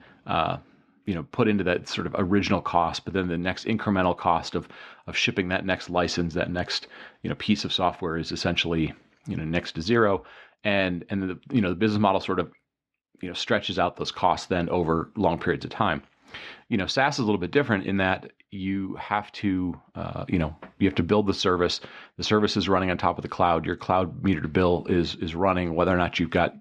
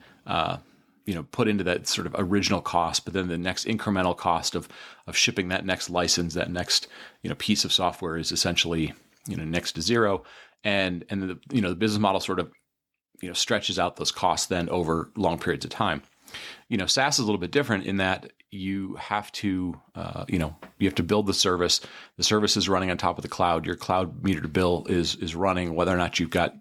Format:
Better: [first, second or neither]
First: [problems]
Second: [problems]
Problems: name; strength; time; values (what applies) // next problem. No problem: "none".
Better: second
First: muffled; slightly; fading above 3 kHz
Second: none